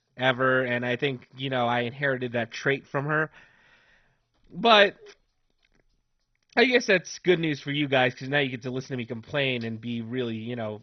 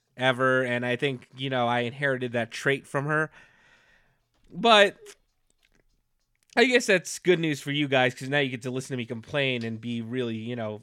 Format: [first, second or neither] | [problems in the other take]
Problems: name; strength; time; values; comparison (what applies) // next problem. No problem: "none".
second | garbled, watery; badly; nothing above 6 kHz